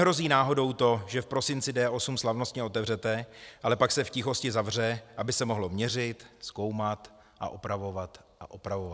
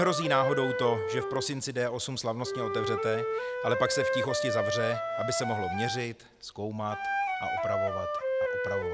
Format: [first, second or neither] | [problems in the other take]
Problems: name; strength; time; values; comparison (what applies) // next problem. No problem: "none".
first | background sound (Wind instrument, woodwind instrument); as loud as the speech